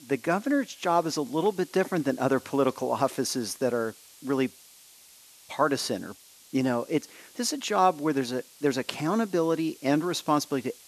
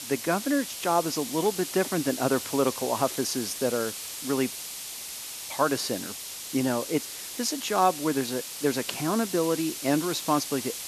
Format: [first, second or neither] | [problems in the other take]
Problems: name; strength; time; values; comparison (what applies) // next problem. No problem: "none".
first | hiss; loud; throughout; 7 dB below the speech; faint in the first